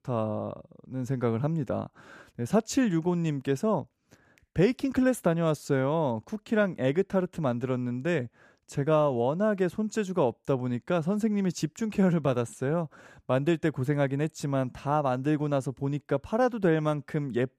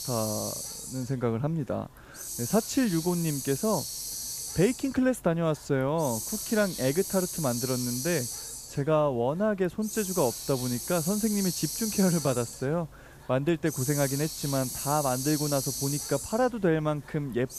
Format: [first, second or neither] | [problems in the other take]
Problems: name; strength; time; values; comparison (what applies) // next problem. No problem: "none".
first | hiss; loud; throughout; 5 dB below the speech